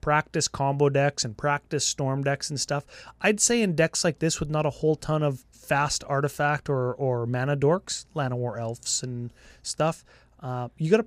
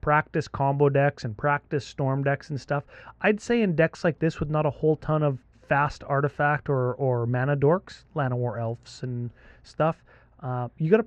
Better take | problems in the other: first | muffled; very; fading above 2 kHz

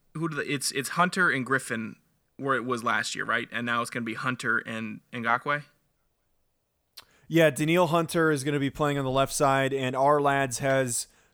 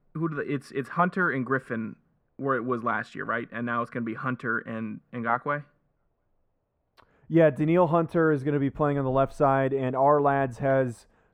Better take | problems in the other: first | muffled; very; fading above 2.5 kHz

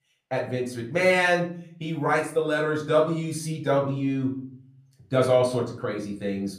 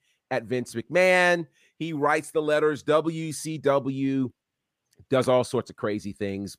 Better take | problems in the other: second | room echo; slight; dies away in 0.5 s // off-mic speech; far

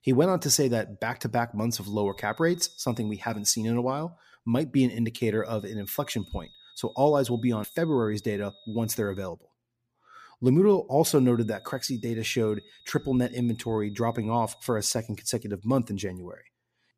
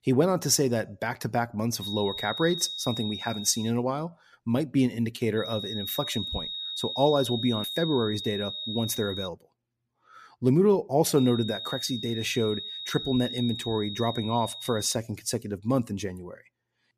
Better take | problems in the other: first | high-pitched whine; loud; from 2 to 3.5 s, from 5.5 to 9.5 s and from 11 to 15 s; 4 kHz, 6 dB below the speech; faint in the first

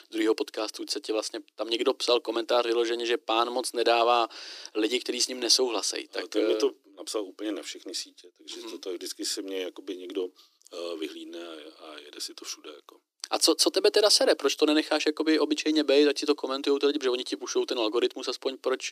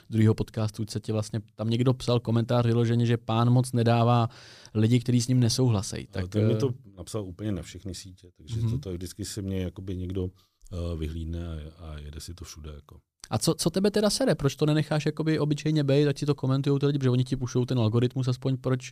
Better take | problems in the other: second | thin; very; fading below 300 Hz

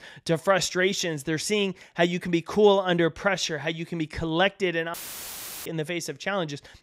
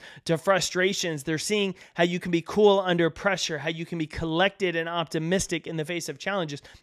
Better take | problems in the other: second | audio cutting out; filled with static; at 5 s for 0.5 s

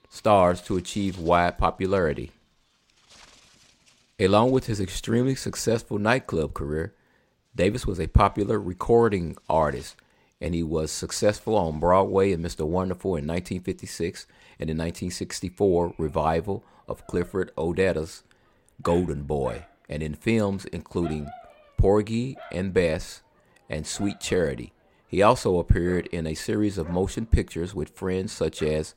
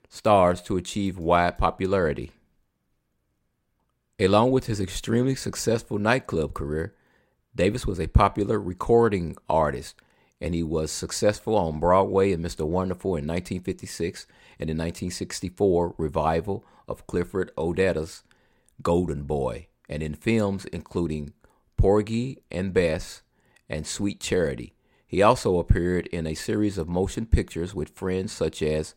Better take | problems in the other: second | animal sounds; faint; throughout; 25 dB below the speech

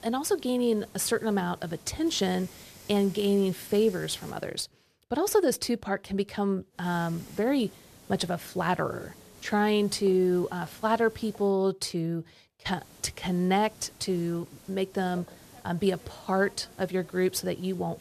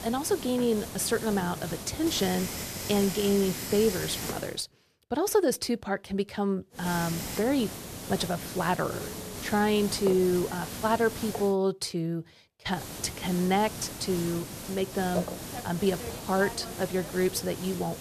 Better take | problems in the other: first | hiss; loud; until 4.5 s, from 7 to 11 s and from 13 s on; 8 dB below the speech; faint in the first

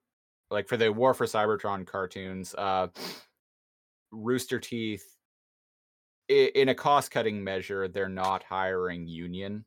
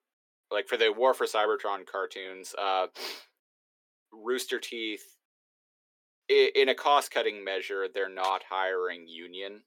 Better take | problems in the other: first | thin; somewhat; fading below 300 Hz

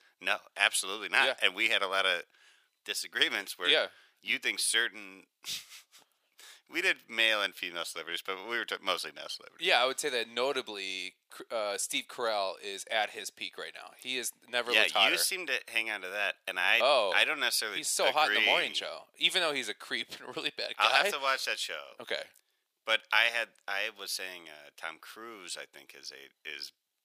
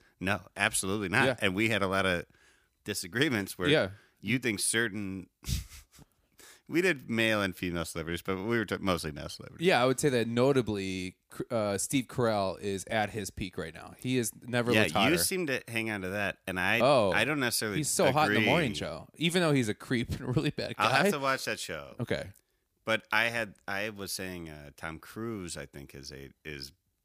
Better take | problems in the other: second | thin; very; fading below 650 Hz

